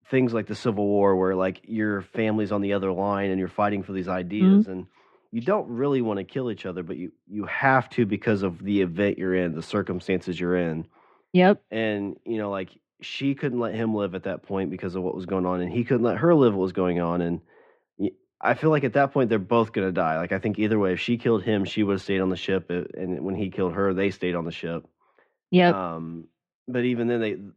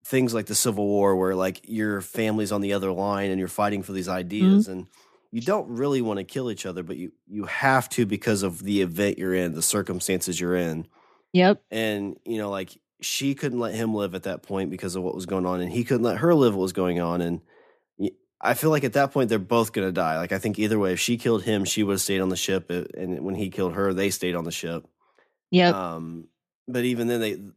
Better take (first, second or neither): second